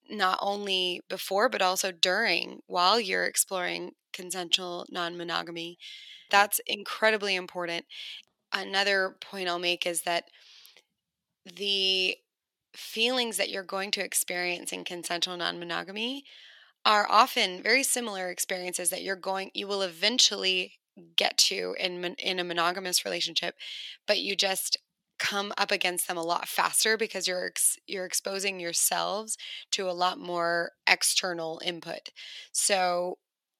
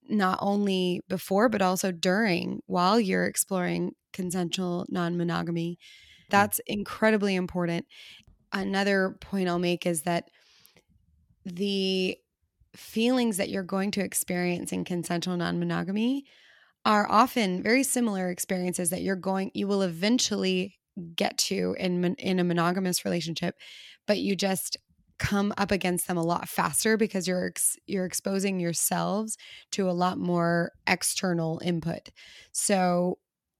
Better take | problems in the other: second | thin; somewhat; fading below 450 Hz

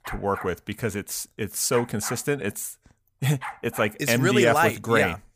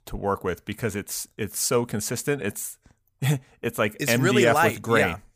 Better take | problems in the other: second | dog barking; faint; until 4 s; peak 10 dB below the speech

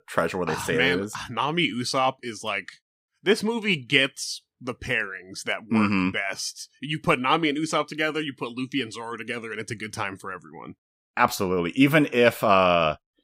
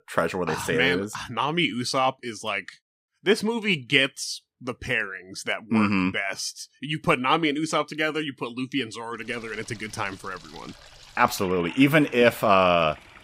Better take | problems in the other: first | household noises; noticeable; from 9 s on; 20 dB below the speech

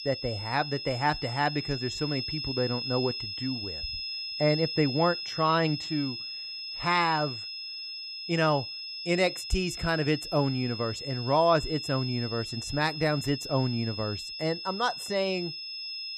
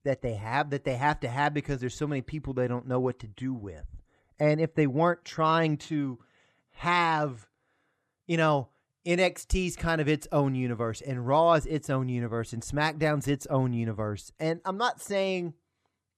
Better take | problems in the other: second | high-pitched whine; loud; throughout; 5 kHz, 6 dB below the speech

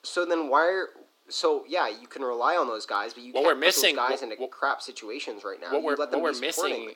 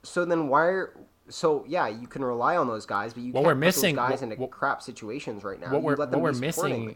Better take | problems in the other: second | thin; somewhat; fading below 300 Hz

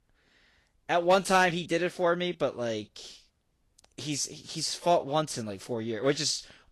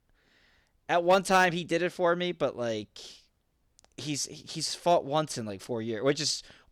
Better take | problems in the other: second | garbled, watery; slightly; nothing above 12 kHz

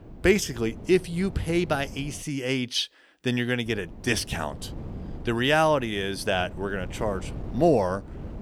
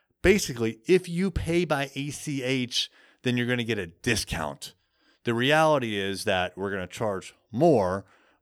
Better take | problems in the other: second | wind noise on the microphone; occasional gusts; until 2 s and from 3.5 s on; 20 dB below the speech

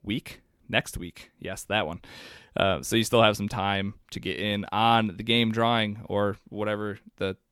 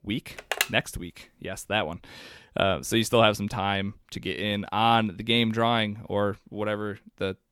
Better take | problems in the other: first | phone ringing; noticeable; at 0.5 s; peak 1 dB below the speech

